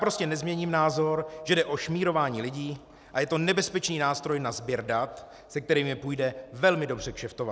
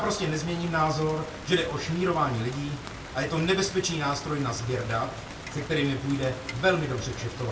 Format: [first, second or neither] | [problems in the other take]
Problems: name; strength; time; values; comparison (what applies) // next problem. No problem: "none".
first | background sound (Rain); 11 dB below the speech // room echo; dies away in 0.2 s